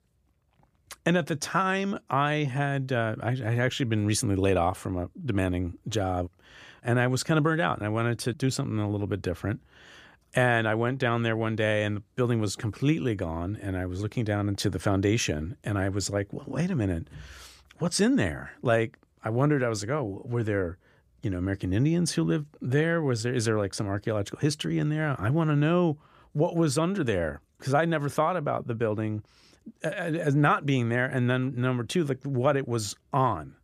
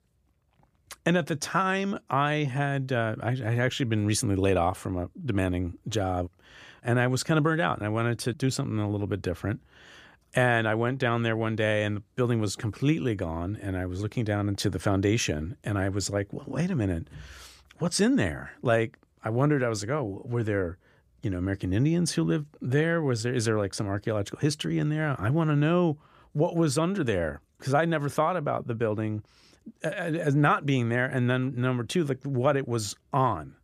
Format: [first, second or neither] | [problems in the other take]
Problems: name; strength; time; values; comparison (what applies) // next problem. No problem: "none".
neither | none